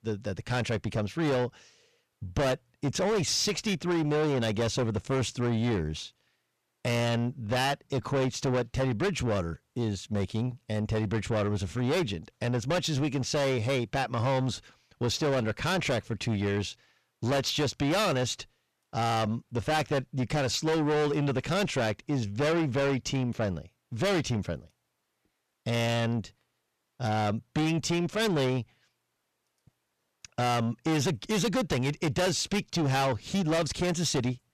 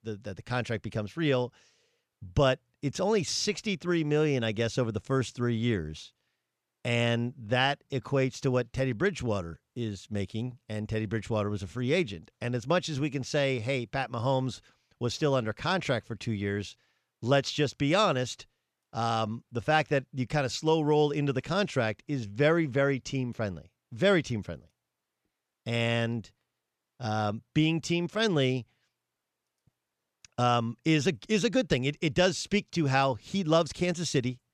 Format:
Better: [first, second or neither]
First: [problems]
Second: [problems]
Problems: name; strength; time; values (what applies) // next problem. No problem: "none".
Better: second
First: distortion; heavy; 6 dB below the speech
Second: none